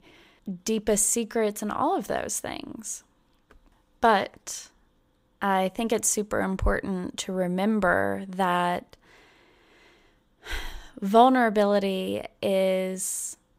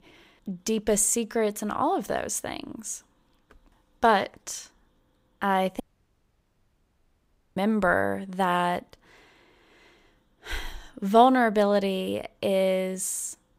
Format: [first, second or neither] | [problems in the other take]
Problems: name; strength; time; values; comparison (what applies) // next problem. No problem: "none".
first | audio cutting out; at 6 s for 2 s